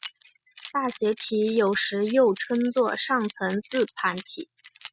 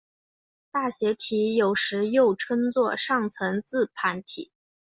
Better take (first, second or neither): second